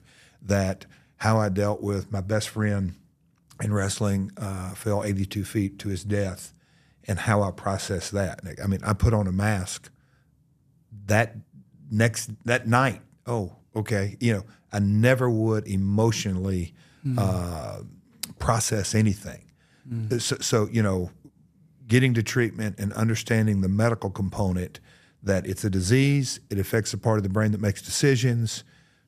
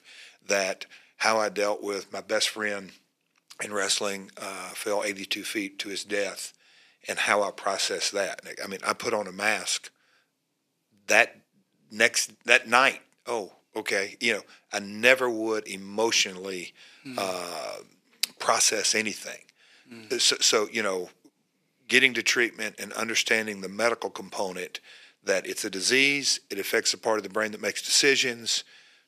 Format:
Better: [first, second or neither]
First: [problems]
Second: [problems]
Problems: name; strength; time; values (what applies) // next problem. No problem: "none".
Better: first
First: none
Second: thin; very; fading below 350 Hz